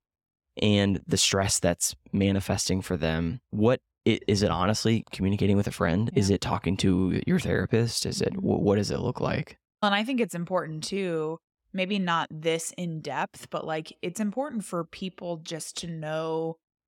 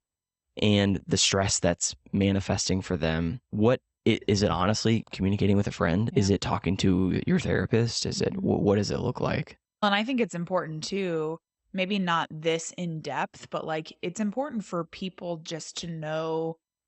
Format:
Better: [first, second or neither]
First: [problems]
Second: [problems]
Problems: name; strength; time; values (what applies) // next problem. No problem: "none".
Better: first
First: none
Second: garbled, watery; slightly; nothing above 8 kHz